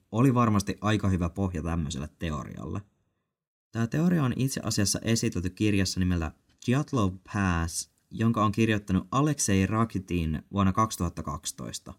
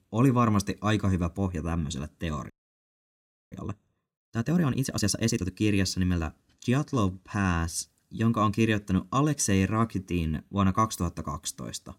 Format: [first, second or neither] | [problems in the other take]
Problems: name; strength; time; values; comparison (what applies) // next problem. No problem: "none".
first | audio freezing; at 2.5 s for 1 s